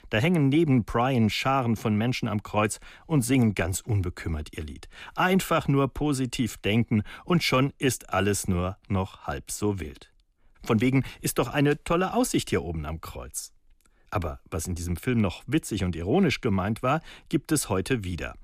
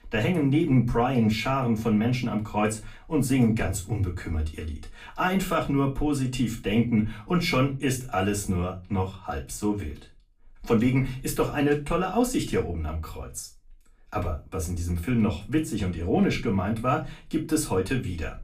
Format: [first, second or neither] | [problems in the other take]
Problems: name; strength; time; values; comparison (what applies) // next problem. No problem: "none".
first | off-mic speech; far // room echo; very slight; dies away in 0.2 s